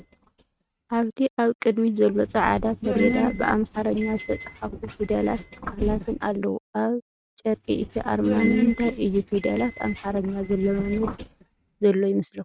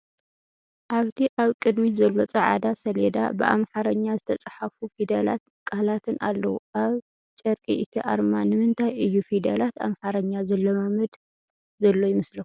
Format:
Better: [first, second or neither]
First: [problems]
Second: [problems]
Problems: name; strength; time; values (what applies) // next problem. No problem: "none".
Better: second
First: noise reduction (neural mask model RNNoise)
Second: none